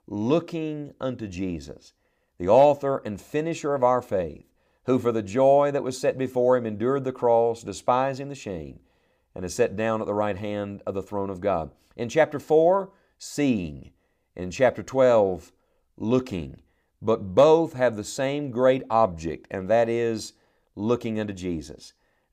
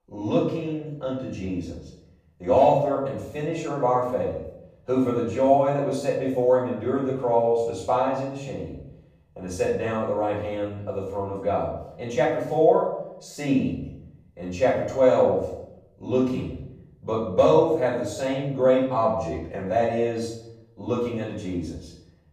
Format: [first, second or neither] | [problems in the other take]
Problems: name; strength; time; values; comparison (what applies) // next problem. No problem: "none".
first | off-mic speech; far // room echo; noticeable; dies away in 0.7 s